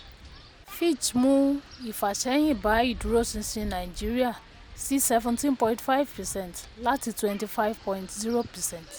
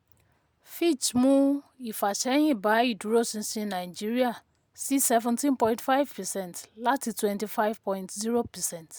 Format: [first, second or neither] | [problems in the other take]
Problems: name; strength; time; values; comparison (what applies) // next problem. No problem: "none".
second | background sound (Wind); 16 dB below the speech